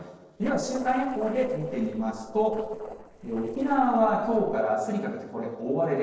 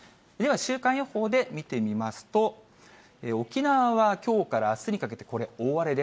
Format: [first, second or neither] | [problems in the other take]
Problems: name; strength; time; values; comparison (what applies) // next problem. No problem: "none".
second | noise reduction (neural separator model SepFormer DNS4)